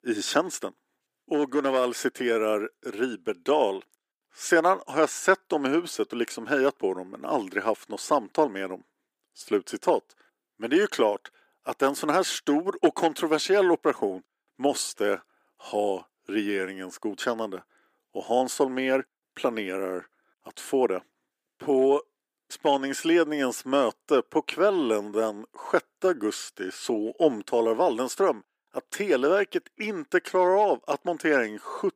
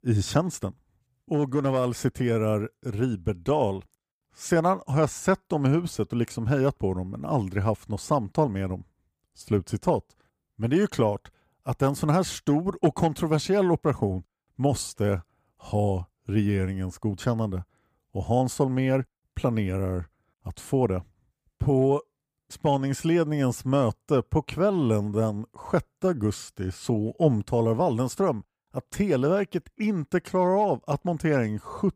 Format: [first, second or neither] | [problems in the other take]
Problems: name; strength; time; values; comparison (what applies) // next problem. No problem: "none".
second | thin; somewhat; fading below 300 Hz